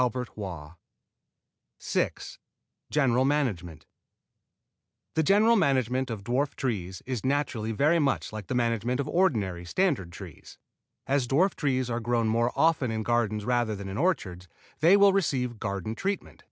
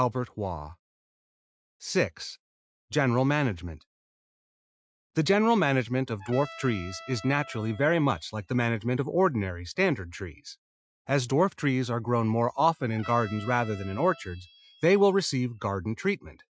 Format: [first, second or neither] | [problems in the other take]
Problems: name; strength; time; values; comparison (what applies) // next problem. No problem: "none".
first | noise reduction (classical method Wiener filter)